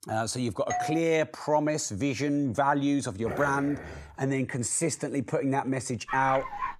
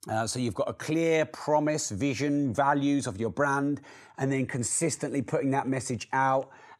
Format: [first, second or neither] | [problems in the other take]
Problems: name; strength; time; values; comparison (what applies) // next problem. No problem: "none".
second | doorbell; noticeable; at 0.5 s; peak 4 dB below the speech // dog barking; noticeable; at 3 s and at 6 s; peak 6 dB below the speech